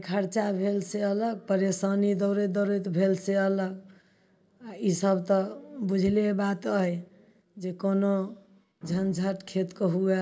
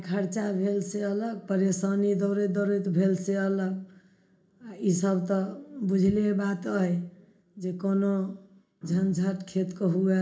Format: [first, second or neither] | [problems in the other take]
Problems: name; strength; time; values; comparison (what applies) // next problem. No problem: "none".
first | room echo; dies away in 0.4 s